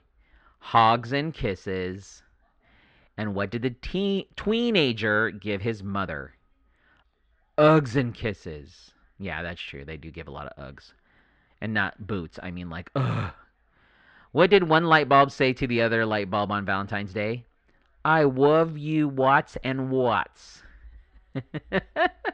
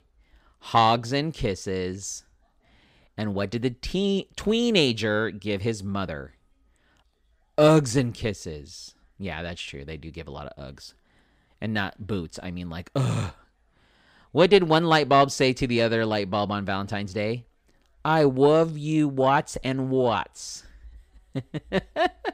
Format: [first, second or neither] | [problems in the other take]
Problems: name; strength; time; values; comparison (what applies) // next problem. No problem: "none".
second | muffled; slightly; fading above 3 kHz